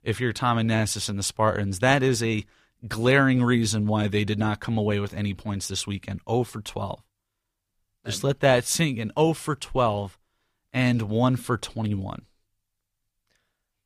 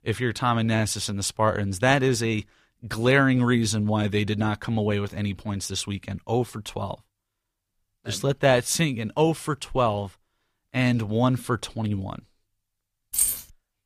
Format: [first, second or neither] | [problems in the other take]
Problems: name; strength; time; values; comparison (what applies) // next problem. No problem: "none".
first | jangling keys; loud; at 13 s; peak 2 dB above the speech